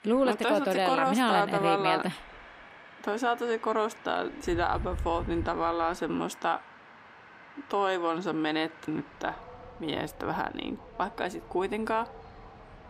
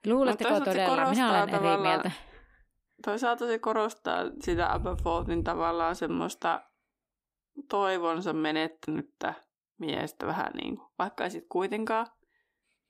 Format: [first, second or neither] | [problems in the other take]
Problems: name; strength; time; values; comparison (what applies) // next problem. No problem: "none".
second | train or aircraft noise; noticeable; throughout; 20 dB below the speech